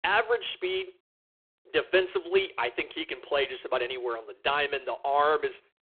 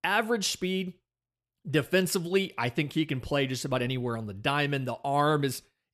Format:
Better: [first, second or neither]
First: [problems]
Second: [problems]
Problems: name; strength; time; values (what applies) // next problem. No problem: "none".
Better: second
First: phone-call audio; poor line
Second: none